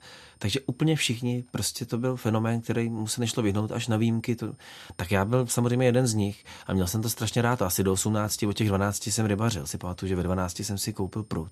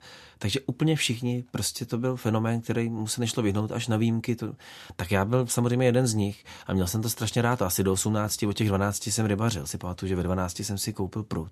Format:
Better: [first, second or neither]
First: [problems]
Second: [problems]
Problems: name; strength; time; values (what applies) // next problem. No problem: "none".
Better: second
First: high-pitched whine; faint; throughout; 9 kHz, 35 dB below the speech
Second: none